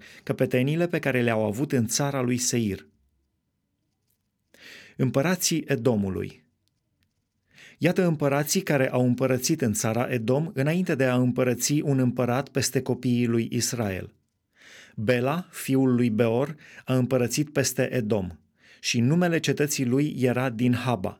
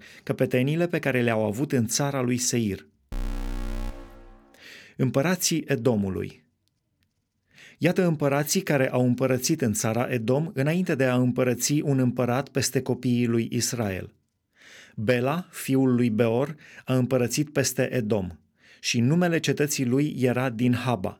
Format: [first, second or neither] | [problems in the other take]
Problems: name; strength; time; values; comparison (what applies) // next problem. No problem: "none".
first | alarm; faint; from 3 to 4 s; peak 10 dB below the speech